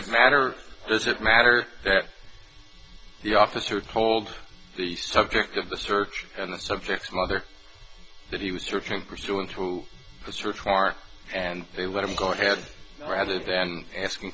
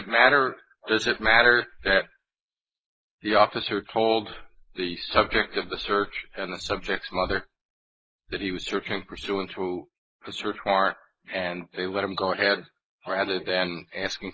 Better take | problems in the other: first | noise reduction (neural mask model Resemble Enhance denoiser)

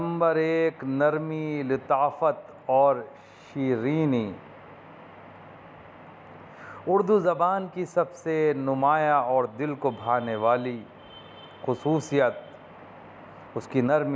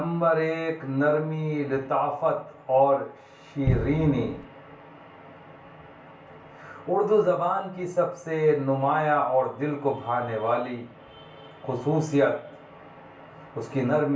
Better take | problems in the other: first | background sound (Cupboard open or close); 2 dB below the speech // room echo; dies away in 0.3 s

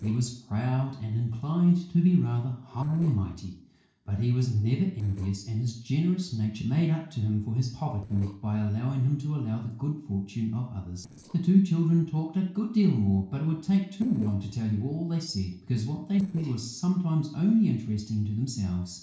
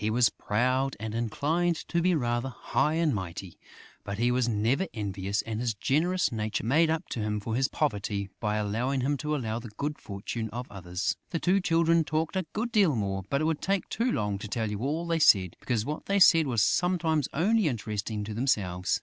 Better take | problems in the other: second | noise reduction (neural separator model SepFormer DNS4)

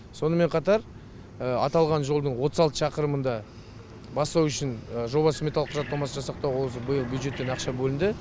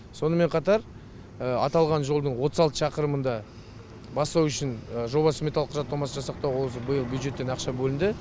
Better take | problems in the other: second | background sound (Bird); 19 dB below the speech

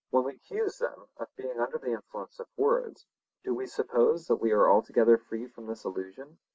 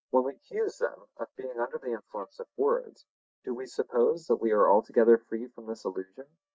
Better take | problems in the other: first | noise reduction (neural mask model DeepFilterNet 3)

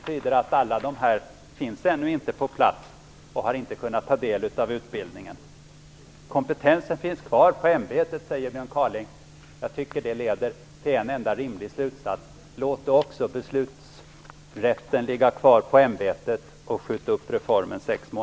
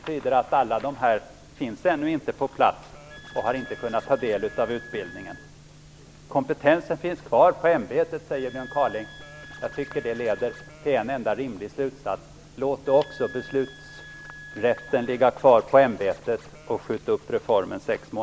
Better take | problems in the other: first | background sound (Scratching (performance technique) + Wind instrument, woodwind instrument); 19 dB below the speech

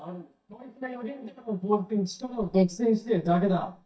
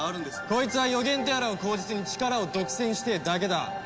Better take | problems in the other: second | noise reduction (neural mask model DeepFilterNet 3)

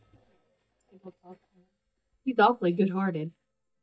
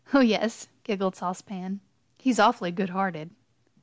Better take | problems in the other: second | noise reduction (neural mask model DeepFilterNet 3)

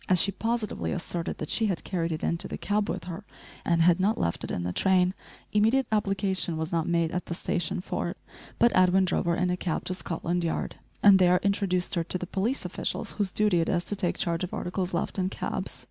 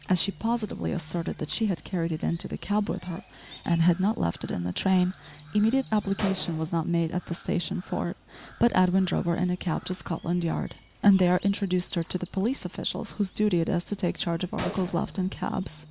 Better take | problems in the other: first | background sound (Crow + Gunshot, gunfire); 19 dB below the speech

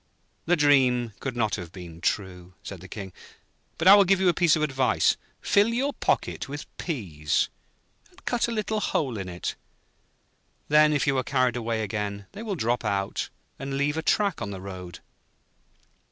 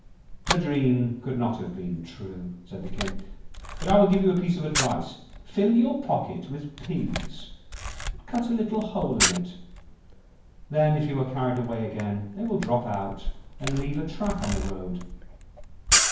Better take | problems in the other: first | background sound (Camera); 4 dB below the speech // room echo; dies away in 0.9 s

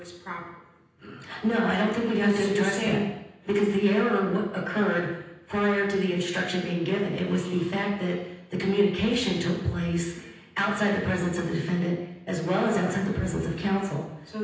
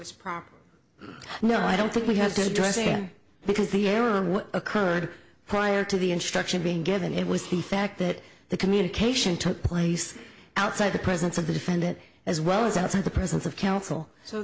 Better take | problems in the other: second | room echo; dies away in 0.9 s

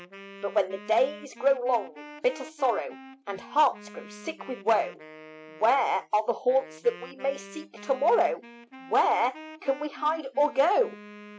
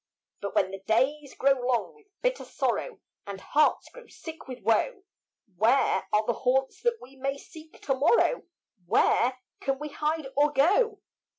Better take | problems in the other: second | background sound (Wind instrument, woodwind instrument); 18 dB below the speech

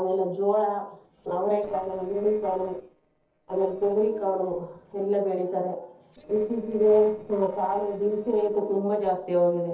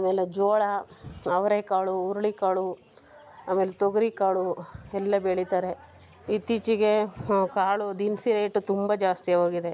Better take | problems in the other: second | noise reduction (neural separator model SepFormer DNS4)

